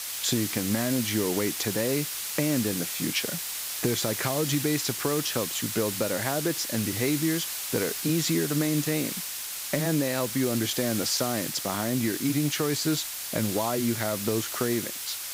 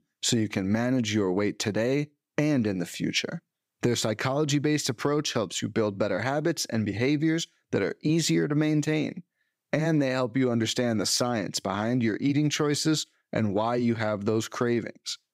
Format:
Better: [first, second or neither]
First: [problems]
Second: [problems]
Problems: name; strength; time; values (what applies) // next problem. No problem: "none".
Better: second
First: hiss; loud; throughout; 2 dB below the speech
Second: none